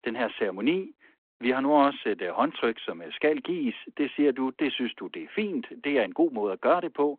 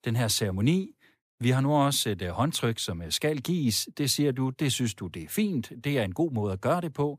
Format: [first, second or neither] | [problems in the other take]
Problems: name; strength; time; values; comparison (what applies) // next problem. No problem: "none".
second | phone-call audio